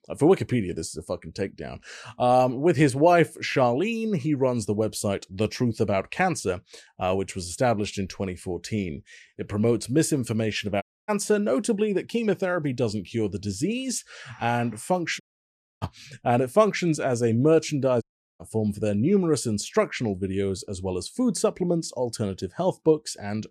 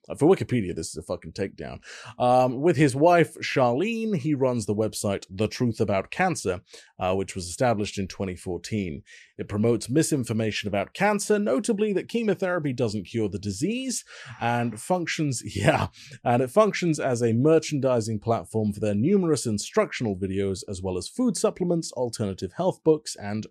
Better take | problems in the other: second | audio cutting out; at 11 s, at 15 s for 0.5 s and at 18 s

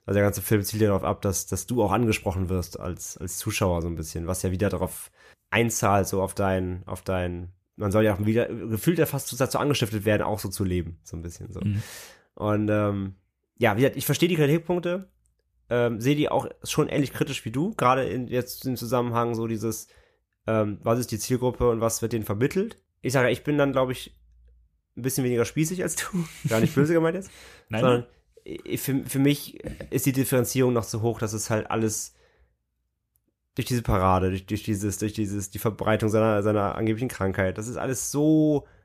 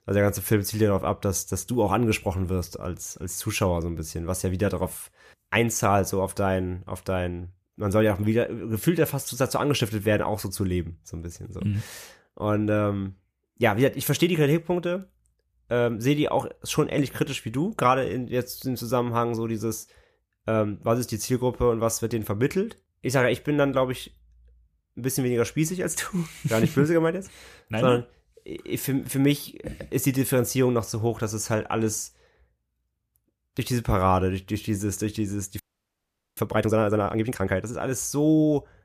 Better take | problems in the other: first | audio freezing; at 36 s for 1 s

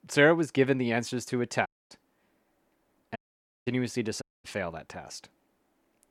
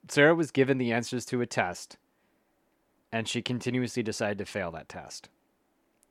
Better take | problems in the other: second | audio cutting out; at 1.5 s, at 3 s for 0.5 s and at 4 s

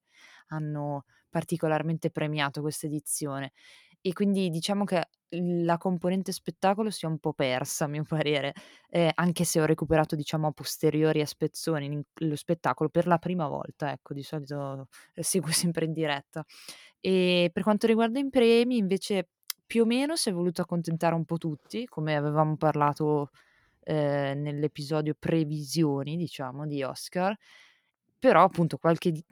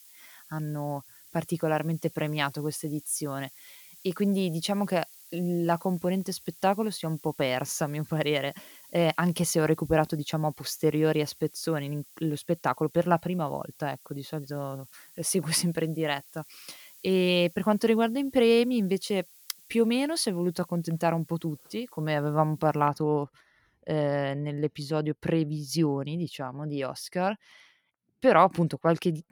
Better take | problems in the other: first | hiss; faint; until 23 s; 20 dB below the speech

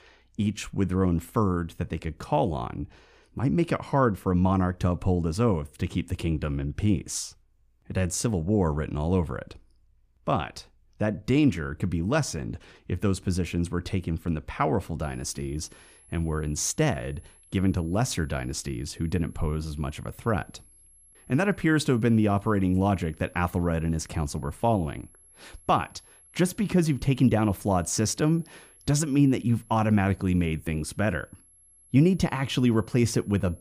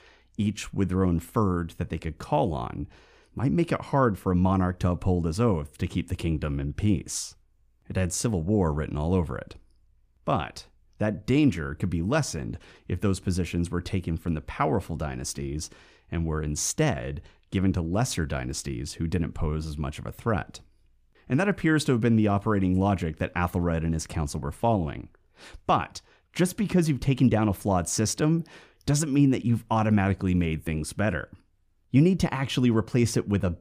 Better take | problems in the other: second | high-pitched whine; faint; from 15 s on; 11 kHz, 25 dB below the speech

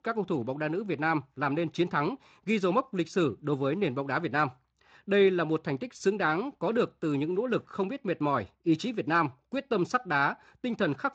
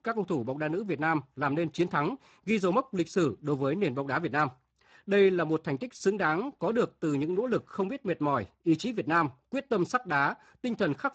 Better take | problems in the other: first | garbled, watery; badly; nothing above 7.5 kHz; slightly in the first

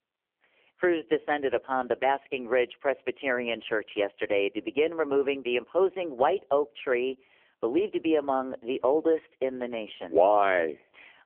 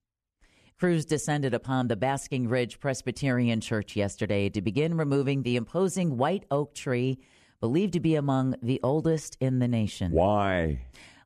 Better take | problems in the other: second | phone-call audio; poor line; nothing above 3 kHz

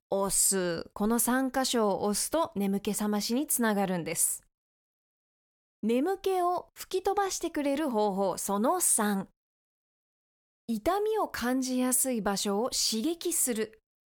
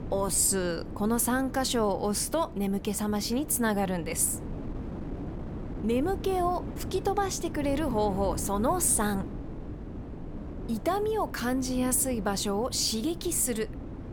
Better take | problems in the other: first | wind noise on the microphone; occasional gusts; 15 dB below the speech

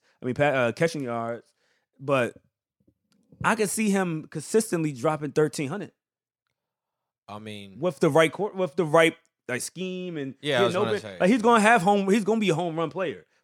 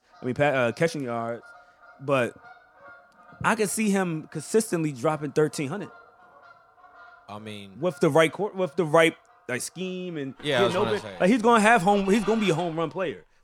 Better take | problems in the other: first | animal sounds; faint; throughout; 20 dB below the speech

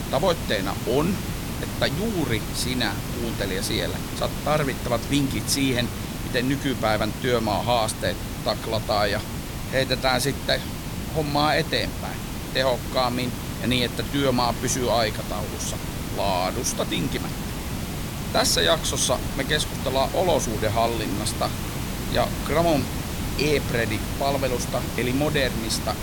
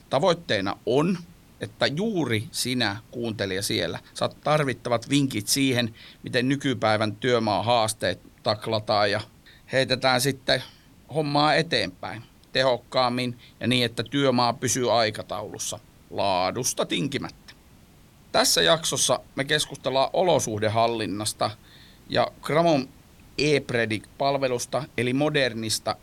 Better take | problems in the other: second | hiss; loud; throughout; 6 dB below the speech; faint in the second

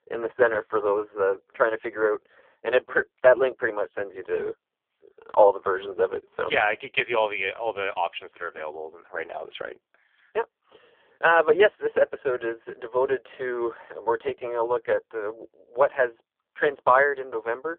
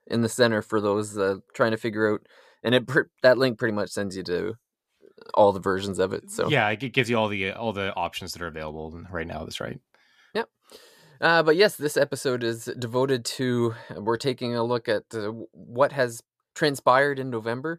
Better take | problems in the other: second | phone-call audio; poor line; nothing above 3 kHz

